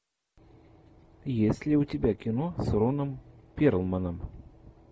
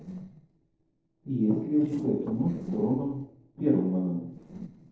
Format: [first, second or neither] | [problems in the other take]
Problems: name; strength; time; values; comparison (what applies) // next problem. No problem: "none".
first | noise reduction (neural separator model SepFormer DNS4)